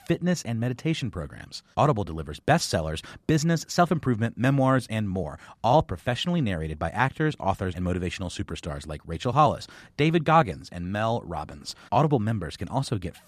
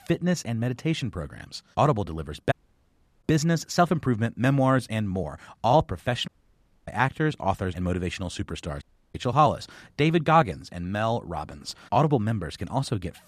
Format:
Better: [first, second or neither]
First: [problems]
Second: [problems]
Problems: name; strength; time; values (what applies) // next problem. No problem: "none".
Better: first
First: none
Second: audio cutting out; at 2.5 s for 0.5 s, at 6.5 s for 0.5 s and at 9 s